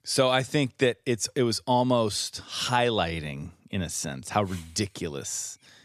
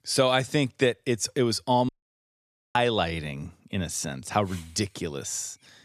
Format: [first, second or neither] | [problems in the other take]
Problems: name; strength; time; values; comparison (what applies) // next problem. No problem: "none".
first | audio cutting out; at 2 s for 1 s